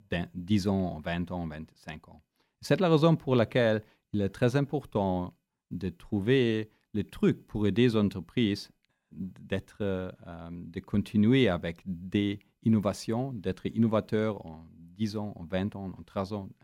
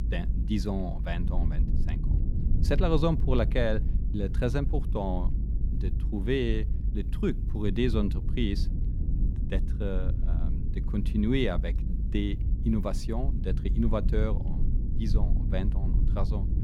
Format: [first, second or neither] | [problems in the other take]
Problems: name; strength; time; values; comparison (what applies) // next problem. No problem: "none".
first | low rumble; noticeable; throughout; 10 dB below the speech